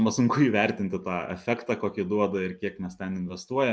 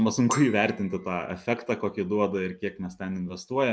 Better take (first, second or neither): first